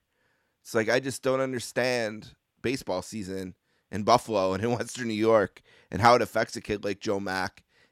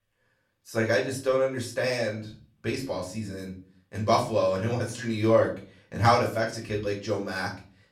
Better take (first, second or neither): first